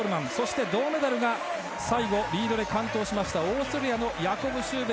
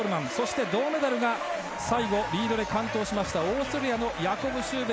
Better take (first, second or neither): first